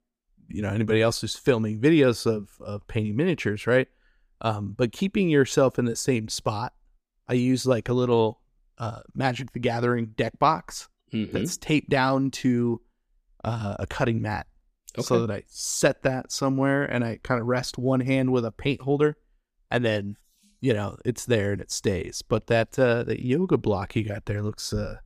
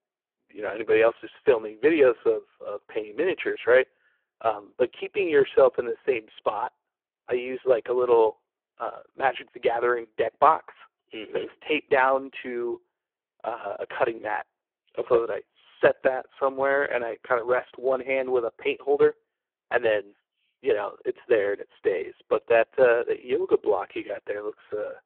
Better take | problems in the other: first | phone-call audio; poor line

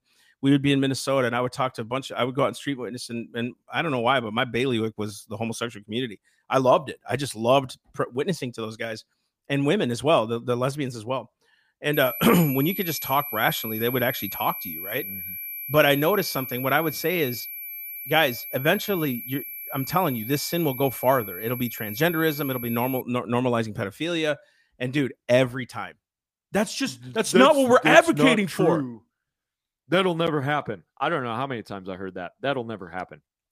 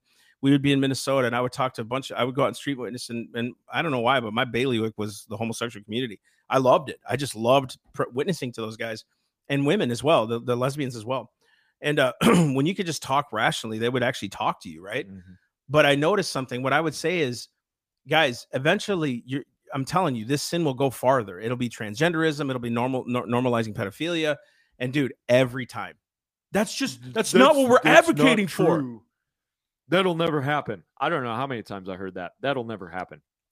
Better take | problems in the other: second | high-pitched whine; loud; from 12 to 23 s; 12 kHz, 8 dB below the speech

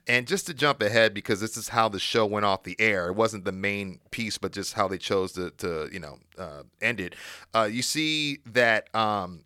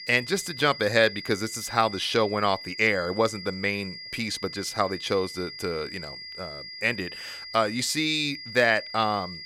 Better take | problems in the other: first | high-pitched whine; noticeable; throughout; 5 kHz, 10 dB below the speech

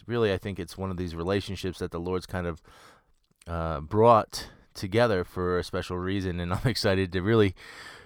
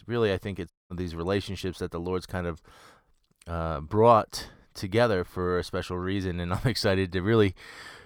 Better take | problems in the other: first | audio cutting out; at 0.5 s

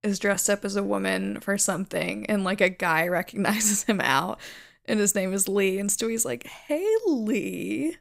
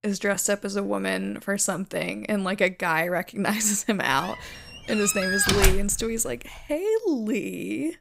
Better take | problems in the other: first | door banging; loud; from 5 to 6 s; peak 4 dB above the speech

